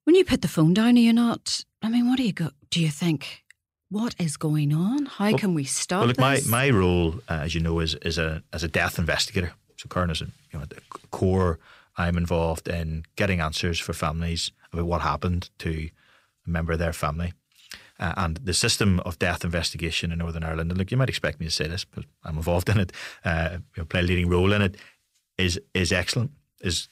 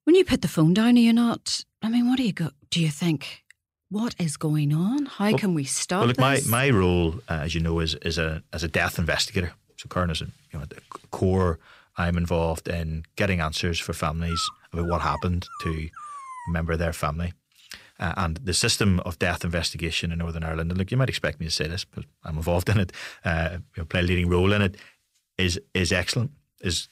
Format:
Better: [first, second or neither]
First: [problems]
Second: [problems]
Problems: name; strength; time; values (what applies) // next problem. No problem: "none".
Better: first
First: none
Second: dog barking; noticeable; from 14 to 17 s; peak 9 dB below the speech